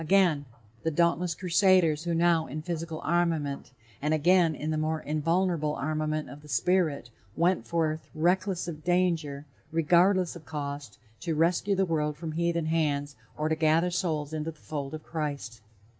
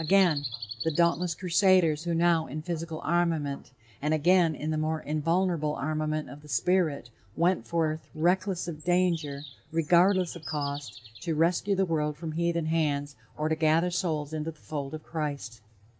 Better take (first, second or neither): first